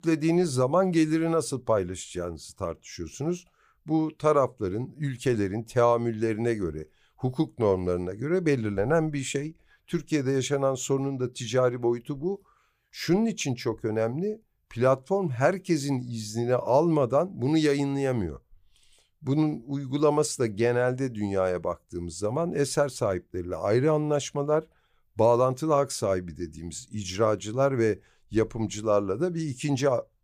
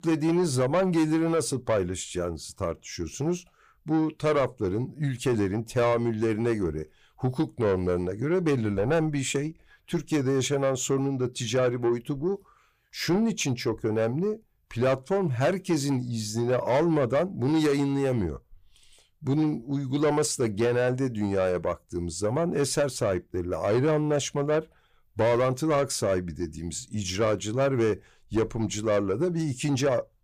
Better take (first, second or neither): first